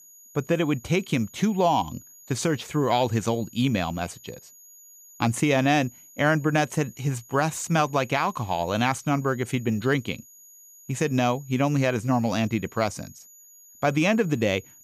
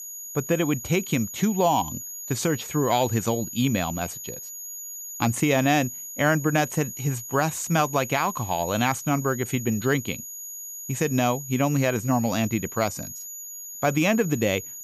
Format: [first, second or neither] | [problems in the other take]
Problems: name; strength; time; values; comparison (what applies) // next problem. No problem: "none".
first | high-pitched whine; loud; throughout; 6.5 kHz, 10 dB below the speech; faint in the first